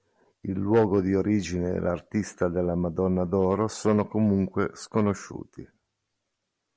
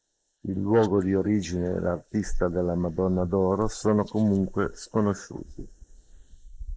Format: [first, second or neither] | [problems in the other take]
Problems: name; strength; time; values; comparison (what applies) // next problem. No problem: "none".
first | noise reduction (neural mask model Resemble Enhance denoiser)